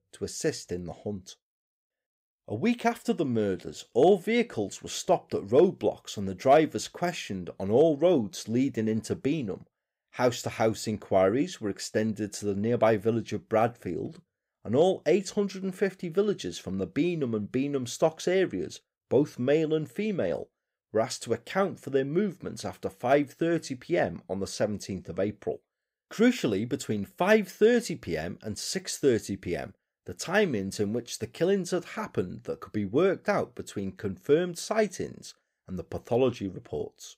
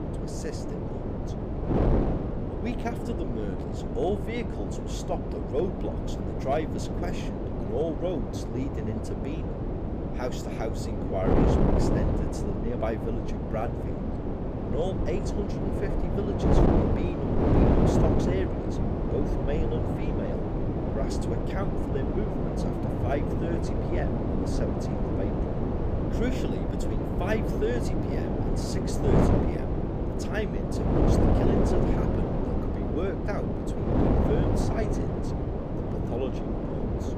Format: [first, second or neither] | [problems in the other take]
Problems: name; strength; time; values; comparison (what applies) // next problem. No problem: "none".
first | wind noise on the microphone; heavy; 3 dB above the speech